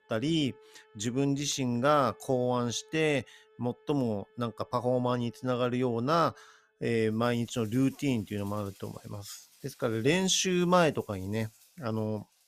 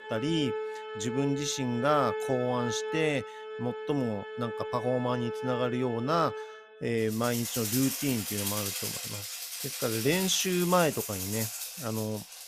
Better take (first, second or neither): first